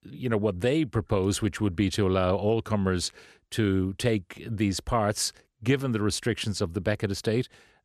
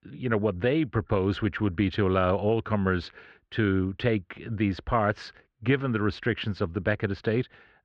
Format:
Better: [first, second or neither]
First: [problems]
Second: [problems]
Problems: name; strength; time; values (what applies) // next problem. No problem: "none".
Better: first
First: none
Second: muffled; very; fading above 3.5 kHz